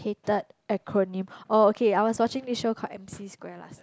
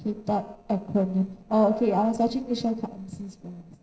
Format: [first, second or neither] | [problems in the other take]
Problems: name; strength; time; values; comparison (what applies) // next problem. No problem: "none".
first | noise reduction (neural separator model SepFormer DNS4)